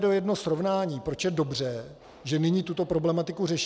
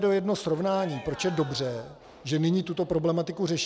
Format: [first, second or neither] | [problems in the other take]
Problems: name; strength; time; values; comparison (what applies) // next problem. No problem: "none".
first | background sound (Cheering); 17 dB below the speech